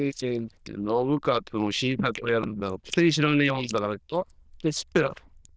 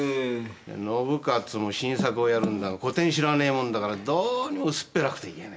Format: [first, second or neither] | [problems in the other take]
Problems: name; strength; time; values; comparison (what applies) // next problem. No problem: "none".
second | noise reduction (neural diffusion model UNIVERSE++)